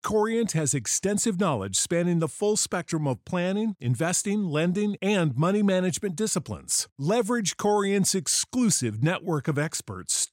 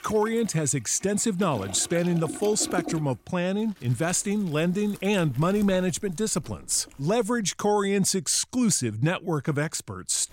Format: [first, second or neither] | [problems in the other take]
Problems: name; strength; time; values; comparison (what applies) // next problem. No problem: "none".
first | household noises; noticeable; throughout; 15 dB below the speech